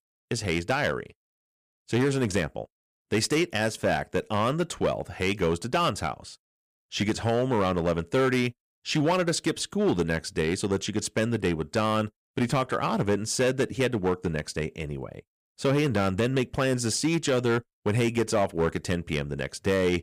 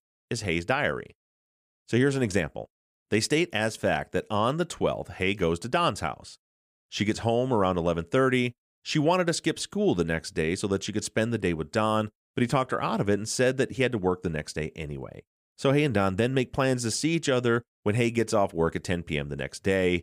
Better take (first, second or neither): second